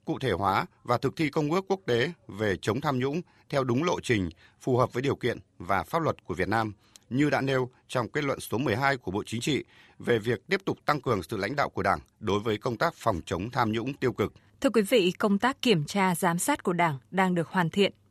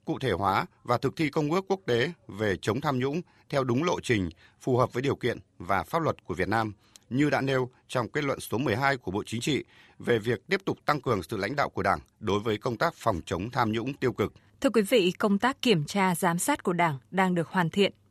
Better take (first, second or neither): neither